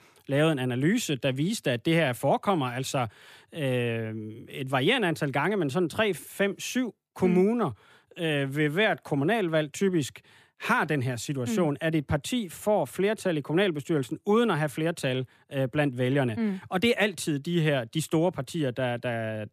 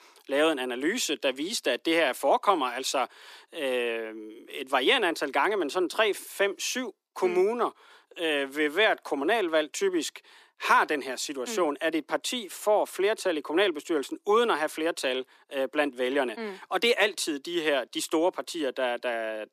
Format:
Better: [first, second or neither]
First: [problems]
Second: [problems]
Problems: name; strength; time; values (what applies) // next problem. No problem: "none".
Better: first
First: none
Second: thin; somewhat; fading below 300 Hz